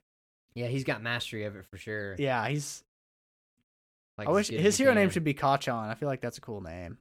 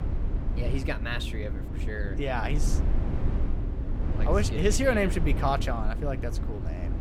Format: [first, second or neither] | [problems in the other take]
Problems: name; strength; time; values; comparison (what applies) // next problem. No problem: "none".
first | low rumble; noticeable; throughout; 10 dB below the speech